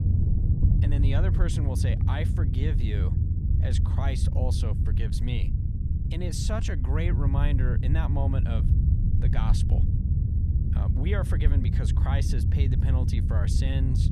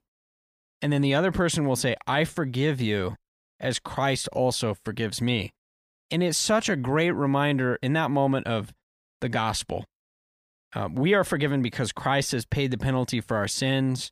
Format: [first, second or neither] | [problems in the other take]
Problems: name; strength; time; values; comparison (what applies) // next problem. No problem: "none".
second | low rumble; loud; throughout; 2 dB below the speech